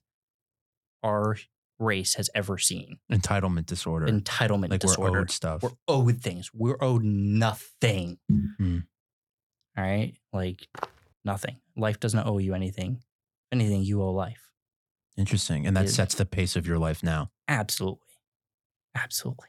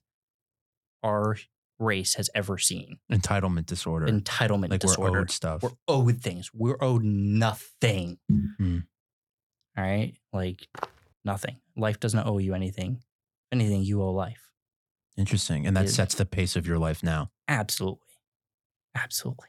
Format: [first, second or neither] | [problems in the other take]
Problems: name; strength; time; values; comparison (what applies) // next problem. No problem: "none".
neither | footsteps; faint; at 11 s; peak 10 dB below the speech; the same in both